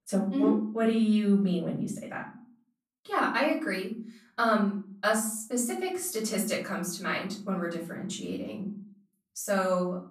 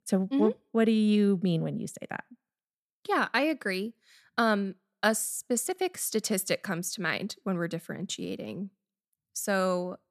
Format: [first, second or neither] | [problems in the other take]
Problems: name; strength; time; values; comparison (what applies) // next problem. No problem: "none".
second | off-mic speech; far // room echo; slight; dies away in 0.4 s